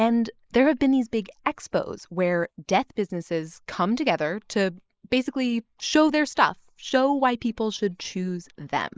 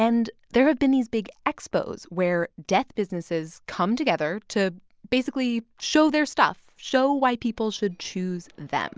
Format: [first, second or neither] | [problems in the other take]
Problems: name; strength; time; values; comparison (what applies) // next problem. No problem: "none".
second | noise reduction (neural mask model Resemble Enhance denoiser)